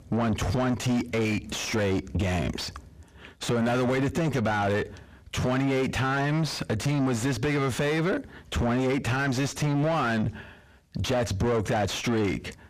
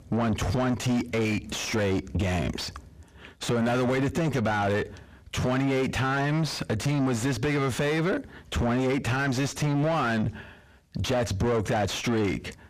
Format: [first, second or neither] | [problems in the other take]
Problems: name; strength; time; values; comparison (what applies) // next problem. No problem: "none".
neither | distortion; heavy; 7 dB below the speech; the same in both